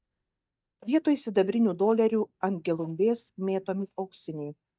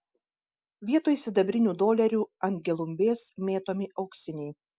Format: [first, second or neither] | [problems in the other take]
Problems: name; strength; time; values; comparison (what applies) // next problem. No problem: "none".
second | noise reduction (neural mask model DeepFilterNet 3)